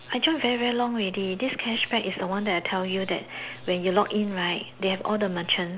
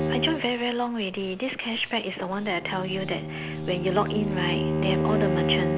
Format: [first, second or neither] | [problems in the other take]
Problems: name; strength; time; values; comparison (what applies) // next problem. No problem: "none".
first | background sound (Bowed string instrument); 1 dB below the speech